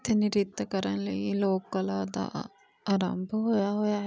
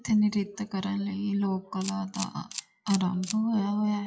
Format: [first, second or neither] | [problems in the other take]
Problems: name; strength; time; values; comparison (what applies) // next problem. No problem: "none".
first | noise reduction (classical method WPE with log-MMSE)